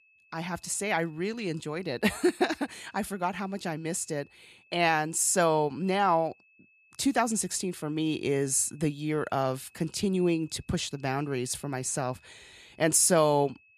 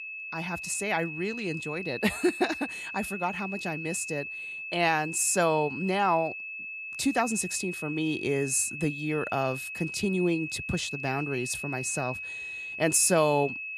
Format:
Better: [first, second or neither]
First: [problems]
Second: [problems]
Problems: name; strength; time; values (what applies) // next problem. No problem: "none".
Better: first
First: high-pitched whine; faint; throughout; 2.5 kHz, 30 dB below the speech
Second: high-pitched whine; loud; throughout; 2.5 kHz, 7 dB below the speech